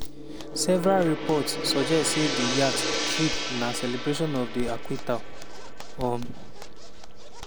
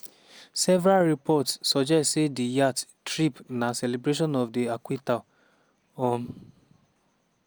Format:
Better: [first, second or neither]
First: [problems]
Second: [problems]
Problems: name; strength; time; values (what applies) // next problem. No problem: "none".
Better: second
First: background sound (Gong + Zipper (clothing)); 2 dB below the speech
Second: none